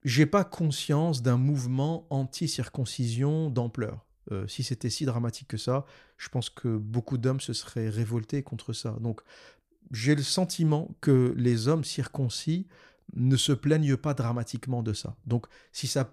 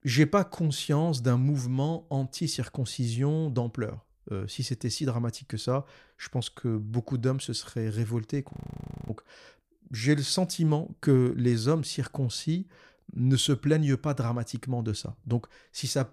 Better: first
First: none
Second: audio freezing; at 8.5 s for 0.5 s

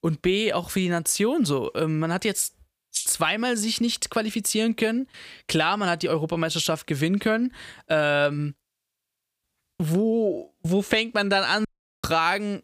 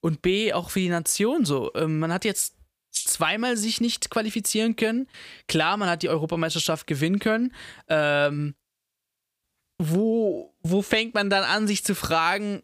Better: second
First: audio cutting out; at 12 s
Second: none

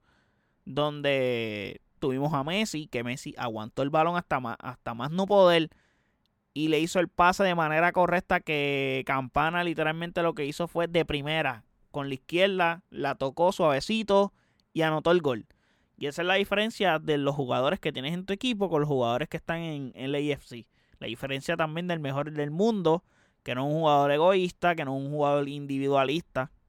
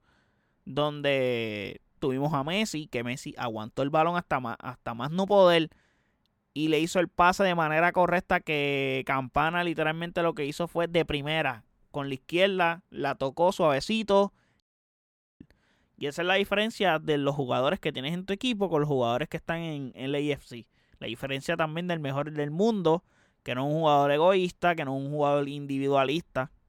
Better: first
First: none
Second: audio cutting out; at 15 s for 1 s

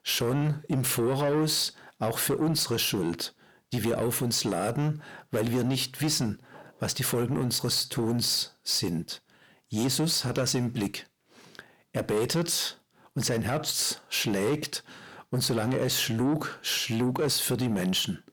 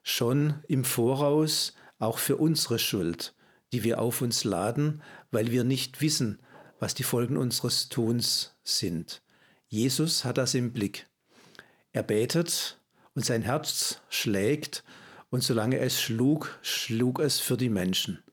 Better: second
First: distortion; slight; 10 dB below the speech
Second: none

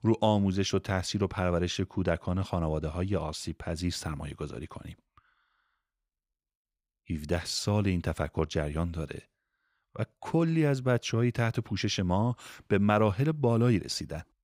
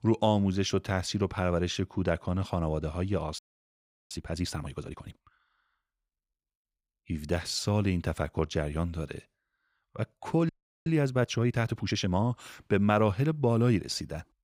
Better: first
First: none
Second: audio freezing; at 3.5 s for 0.5 s and at 10 s

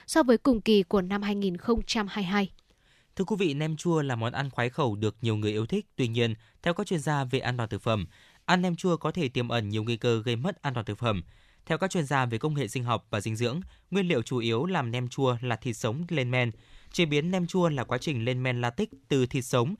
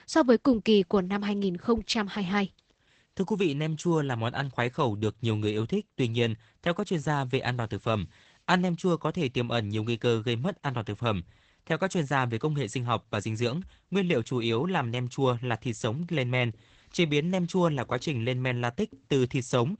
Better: first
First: none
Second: garbled, watery; badly; nothing above 8 kHz

